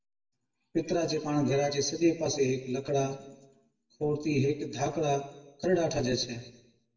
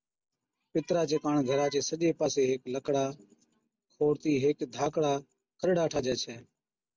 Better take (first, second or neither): second